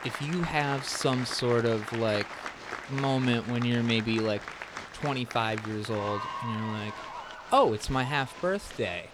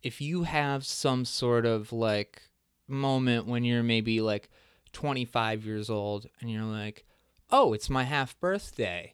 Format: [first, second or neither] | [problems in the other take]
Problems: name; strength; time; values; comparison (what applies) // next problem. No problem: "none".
second | crowd noise; loud; throughout; 10 dB below the speech